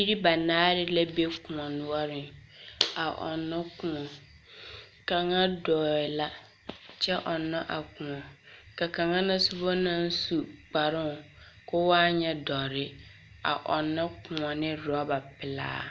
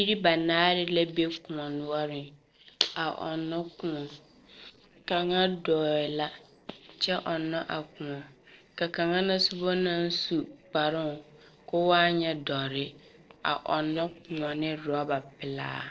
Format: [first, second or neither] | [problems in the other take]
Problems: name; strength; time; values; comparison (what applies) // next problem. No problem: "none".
first | noise reduction (neural separator model SepFormer DNS4)